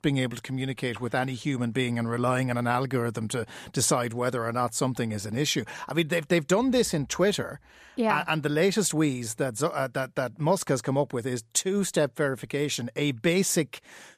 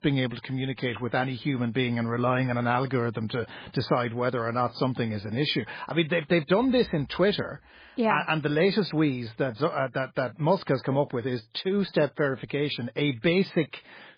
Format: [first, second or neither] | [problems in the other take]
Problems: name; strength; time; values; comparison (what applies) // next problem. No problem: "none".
first | garbled, watery; badly; nothing above 4 kHz